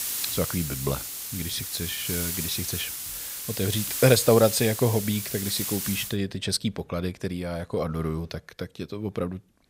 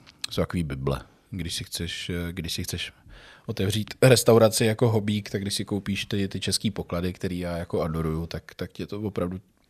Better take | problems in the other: second | hiss; loud; until 6 s; 3 dB below the speech

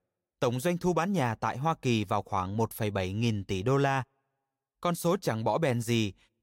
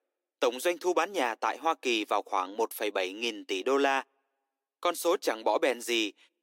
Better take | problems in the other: first | thin; somewhat; fading below 300 Hz

